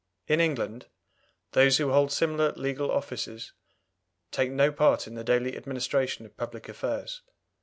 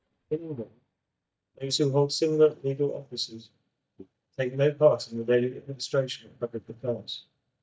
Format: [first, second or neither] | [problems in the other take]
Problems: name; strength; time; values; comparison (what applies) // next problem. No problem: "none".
first | noise reduction (neural mask model DeepFilterNet 3)